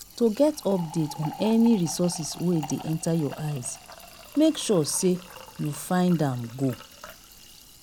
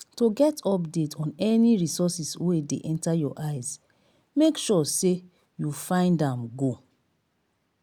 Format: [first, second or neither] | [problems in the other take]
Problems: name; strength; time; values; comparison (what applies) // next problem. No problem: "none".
second | background sound (Fill (with liquid)); 17 dB below the speech